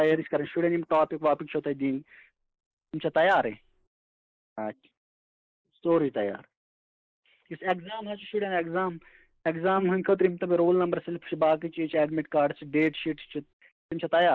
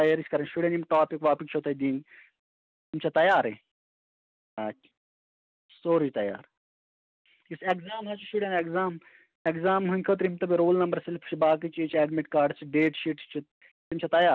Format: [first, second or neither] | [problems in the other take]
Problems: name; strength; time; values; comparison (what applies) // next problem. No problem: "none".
second | noise reduction (neural mask model Resemble Enhance denoiser)